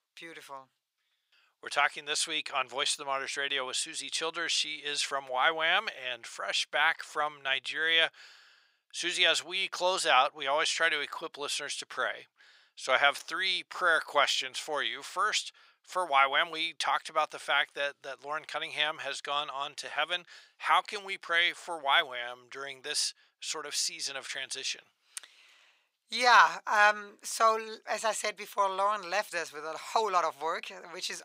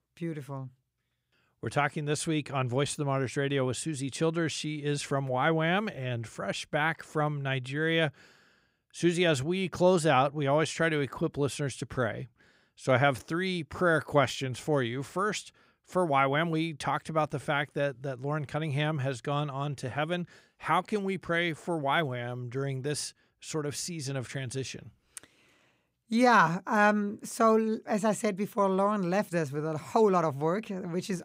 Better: second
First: thin; very; fading below 900 Hz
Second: none

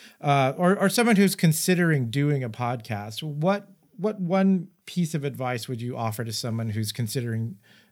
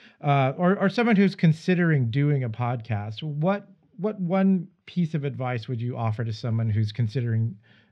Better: first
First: none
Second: muffled; slightly; fading above 3.5 kHz

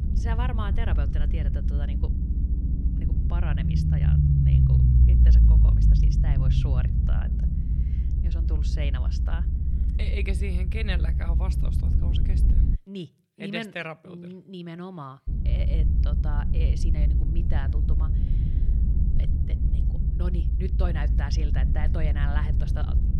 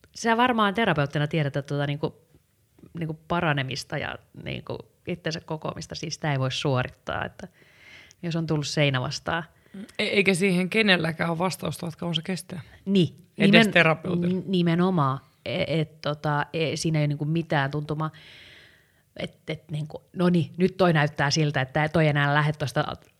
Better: second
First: low rumble; loud; until 13 s and from 15 s on; 1 dB below the speech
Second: none

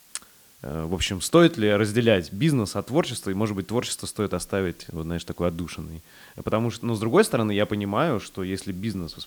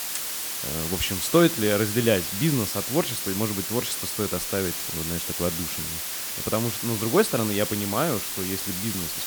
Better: first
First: hiss; faint; throughout; 25 dB below the speech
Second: hiss; loud; throughout; 1 dB below the speech

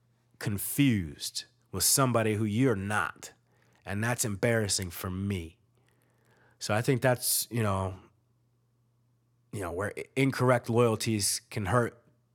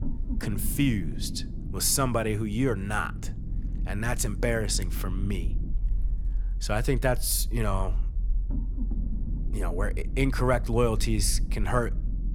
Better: first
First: none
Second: low rumble; noticeable; throughout; 20 dB below the speech

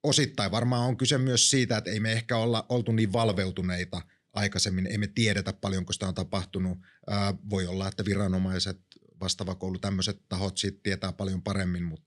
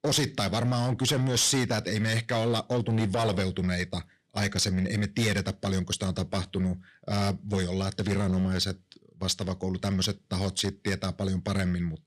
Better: first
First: none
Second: distortion; slight; 9% of the sound clipped

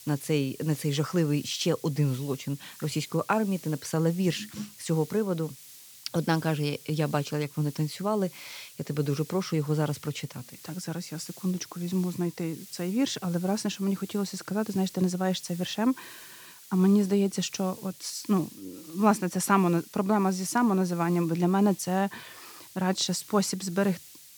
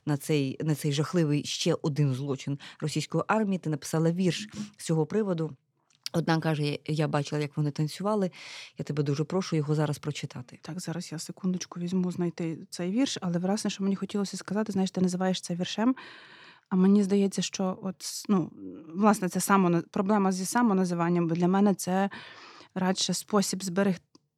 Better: second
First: hiss; noticeable; throughout; 20 dB below the speech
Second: none

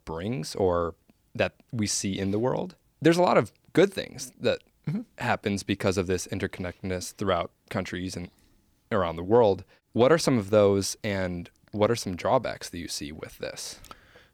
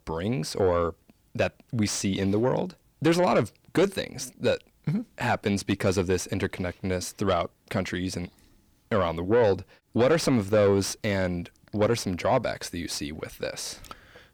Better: first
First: none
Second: distortion; slight; 10 dB below the speech

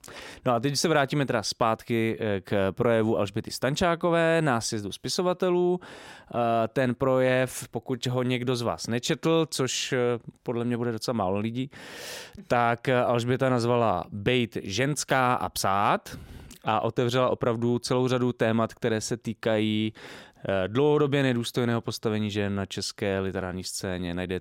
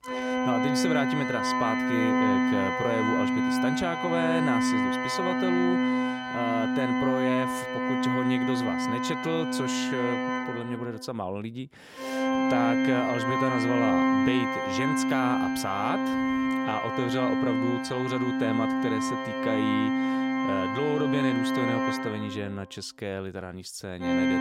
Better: first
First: none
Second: background music; very loud; throughout; 5 dB above the speech

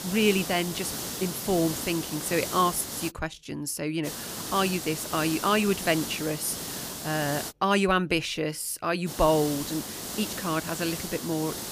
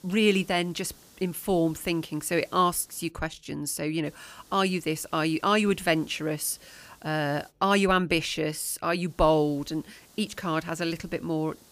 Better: second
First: hiss; loud; until 3 s, from 4 to 7.5 s and from 9 s on; 6 dB below the speech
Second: hiss; faint; until 3 s, from 4 to 7.5 s and from 9 s on; 25 dB below the speech

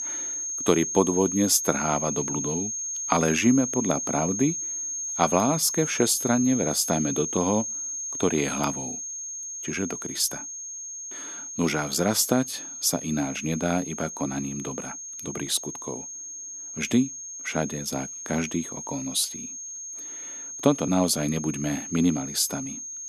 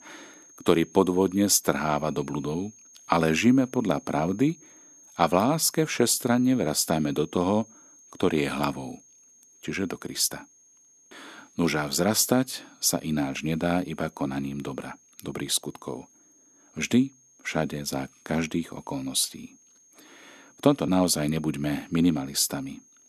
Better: second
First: high-pitched whine; loud; throughout; 6.5 kHz, 5 dB below the speech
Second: high-pitched whine; faint; throughout; 6.5 kHz, 25 dB below the speech

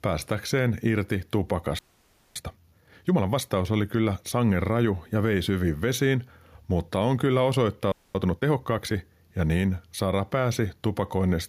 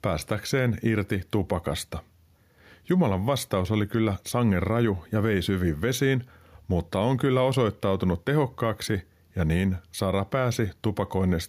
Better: second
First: audio freezing; at 2 s for 0.5 s and at 8 s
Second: none

